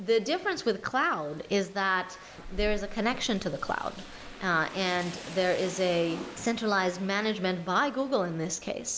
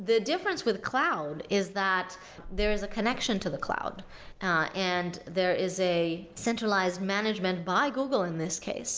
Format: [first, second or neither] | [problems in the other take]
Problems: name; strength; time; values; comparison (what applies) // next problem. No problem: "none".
second | background sound (Rain); 18 dB below the speech